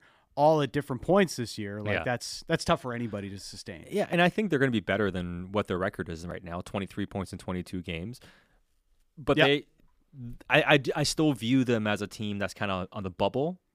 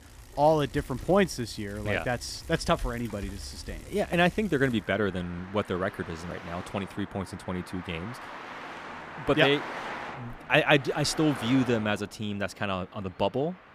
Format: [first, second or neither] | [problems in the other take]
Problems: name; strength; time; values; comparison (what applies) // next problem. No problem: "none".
first | traffic noise; noticeable; throughout; 15 dB below the speech